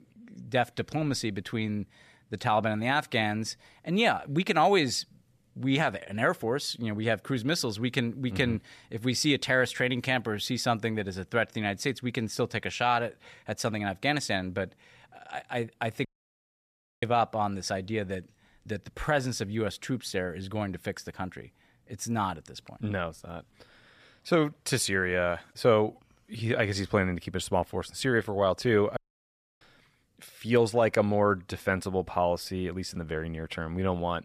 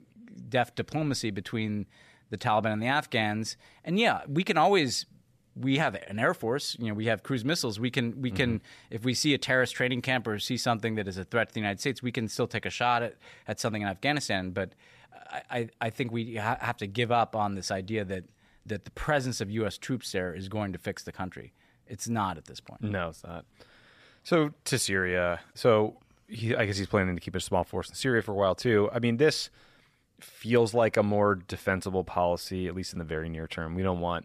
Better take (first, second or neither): second